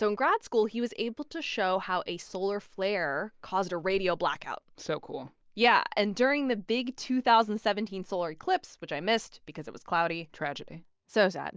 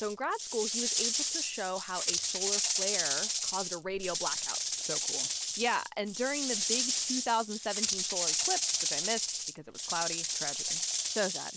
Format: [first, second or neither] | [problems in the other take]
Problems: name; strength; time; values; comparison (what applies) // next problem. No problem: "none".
first | background sound (Rattle / Rattle (instrument)); 4 dB above the speech